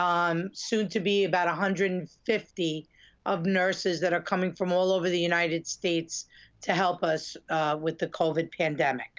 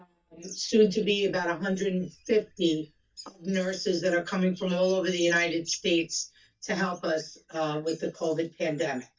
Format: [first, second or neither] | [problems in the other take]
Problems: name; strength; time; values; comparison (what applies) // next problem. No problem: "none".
first | noise reduction (neural mask model DeepFilterNet 3)